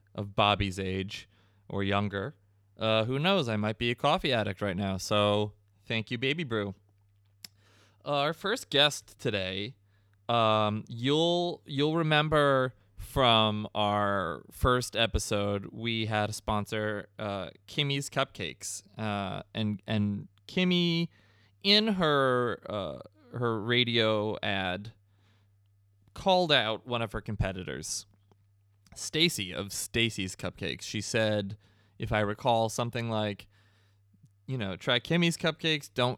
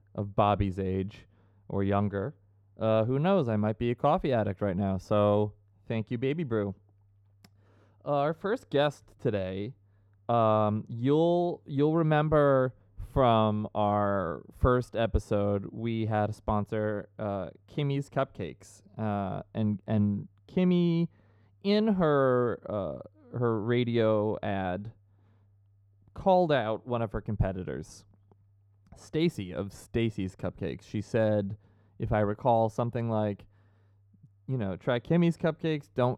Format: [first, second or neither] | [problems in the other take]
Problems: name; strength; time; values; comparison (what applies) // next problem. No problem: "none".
first | muffled; very; fading above 1.5 kHz